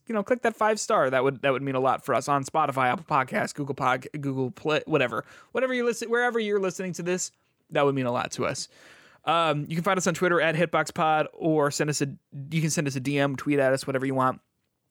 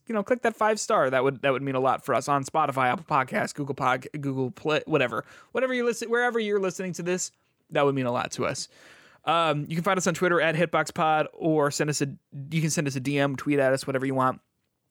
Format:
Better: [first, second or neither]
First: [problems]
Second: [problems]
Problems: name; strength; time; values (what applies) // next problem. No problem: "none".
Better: neither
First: none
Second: none